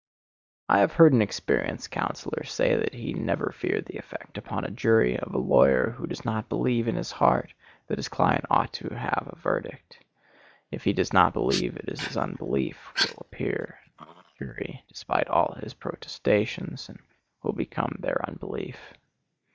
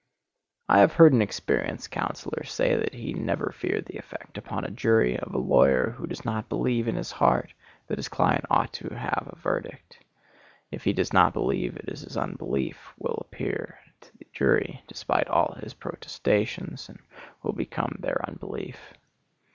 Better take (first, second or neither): second